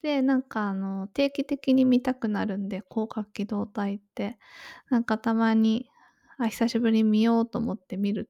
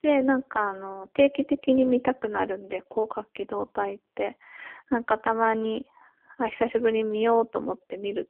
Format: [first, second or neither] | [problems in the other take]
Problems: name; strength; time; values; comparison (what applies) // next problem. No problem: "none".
first | phone-call audio; poor line; nothing above 3 kHz